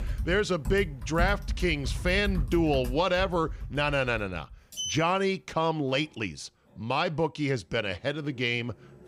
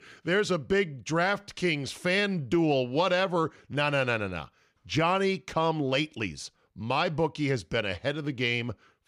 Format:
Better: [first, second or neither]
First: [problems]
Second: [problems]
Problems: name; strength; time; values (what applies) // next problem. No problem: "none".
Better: second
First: household noises; loud; throughout; 8 dB below the speech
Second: none